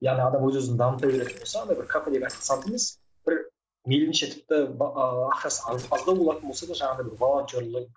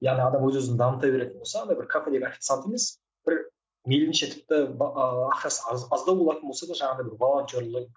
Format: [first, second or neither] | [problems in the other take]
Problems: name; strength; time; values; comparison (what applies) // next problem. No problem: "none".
second | noise reduction (neural separator model SepFormer DNS4)